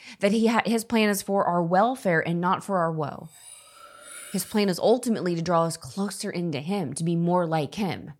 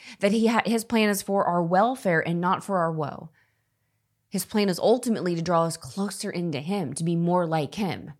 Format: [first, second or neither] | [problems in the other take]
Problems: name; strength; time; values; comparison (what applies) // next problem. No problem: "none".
second | clattering dishes; faint; from 3.5 to 4.5 s; peak 15 dB below the speech